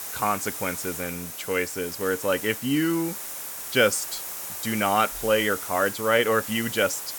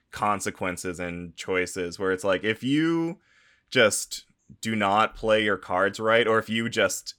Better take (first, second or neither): second